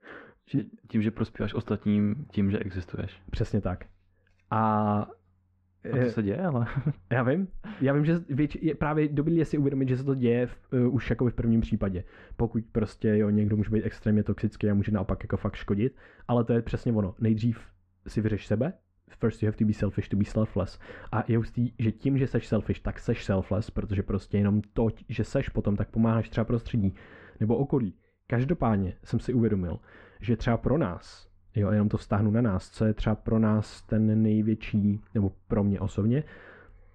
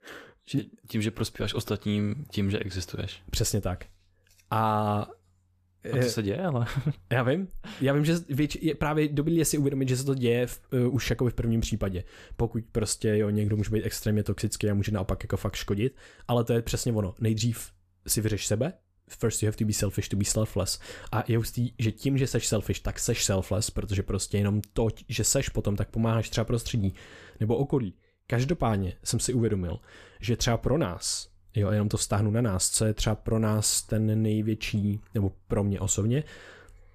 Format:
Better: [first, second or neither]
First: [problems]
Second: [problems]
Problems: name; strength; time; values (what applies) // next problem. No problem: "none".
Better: second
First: muffled; very; fading above 1.5 kHz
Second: none